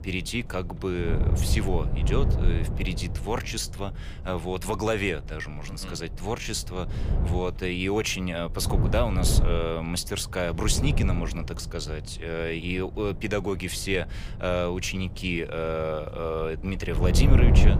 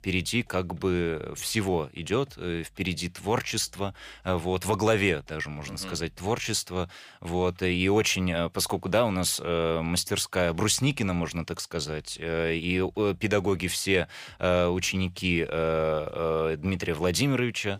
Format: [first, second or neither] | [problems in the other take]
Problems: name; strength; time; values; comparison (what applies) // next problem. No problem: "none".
second | wind noise on the microphone; heavy; 9 dB below the speech